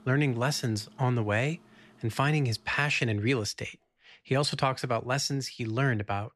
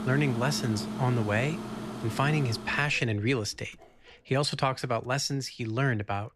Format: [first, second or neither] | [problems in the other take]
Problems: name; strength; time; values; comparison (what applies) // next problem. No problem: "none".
first | household noises; loud; throughout; 8 dB below the speech; faint in the first